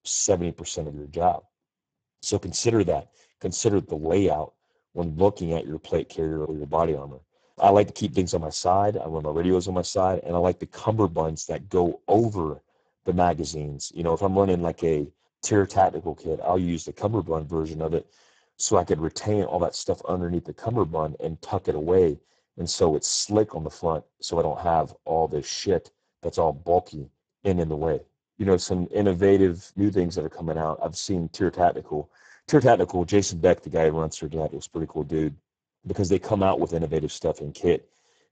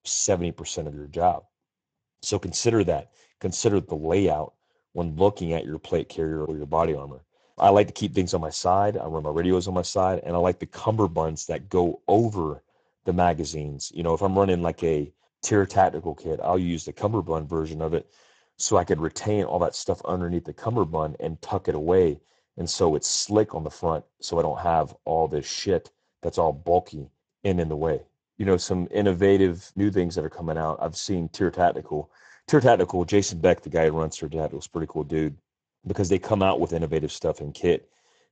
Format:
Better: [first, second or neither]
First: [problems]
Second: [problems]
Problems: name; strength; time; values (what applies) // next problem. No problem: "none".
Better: second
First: garbled, watery; badly; nothing above 7.5 kHz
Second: garbled, watery; slightly; nothing above 7.5 kHz